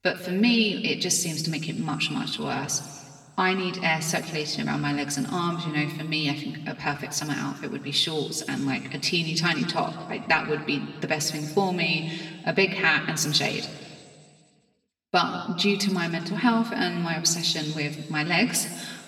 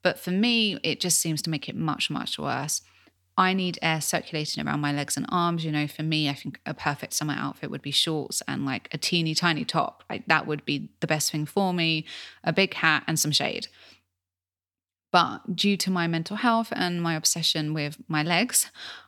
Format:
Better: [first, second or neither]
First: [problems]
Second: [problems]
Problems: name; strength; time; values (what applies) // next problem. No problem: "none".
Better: second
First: room echo; slight; dies away in 1.7 s // off-mic speech; somewhat distant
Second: none